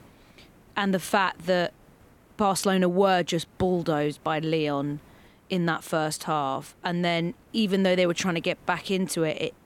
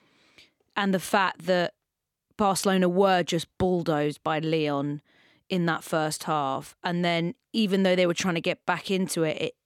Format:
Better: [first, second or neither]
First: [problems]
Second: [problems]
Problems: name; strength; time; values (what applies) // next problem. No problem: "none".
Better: second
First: hiss; faint; throughout; 30 dB below the speech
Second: none